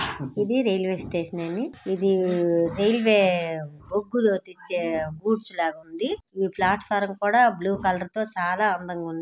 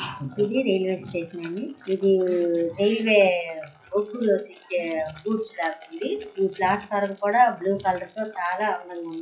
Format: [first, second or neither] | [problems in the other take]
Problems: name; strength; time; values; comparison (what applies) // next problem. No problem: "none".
first | noise reduction (classical method WPE with log-MMSE)